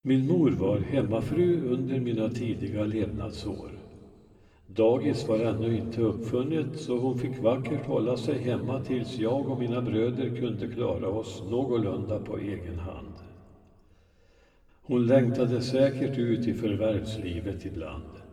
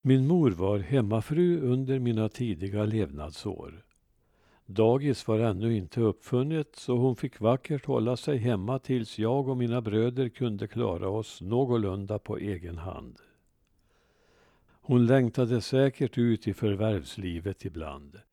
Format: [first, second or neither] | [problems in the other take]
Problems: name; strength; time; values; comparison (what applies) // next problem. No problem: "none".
second | room echo; slight; dies away in 1.7 s // off-mic speech; somewhat distant